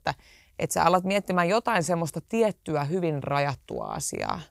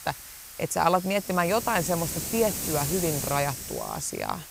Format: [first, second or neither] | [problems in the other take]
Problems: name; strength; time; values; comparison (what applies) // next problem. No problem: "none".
first | hiss; loud; throughout; 5 dB below the speech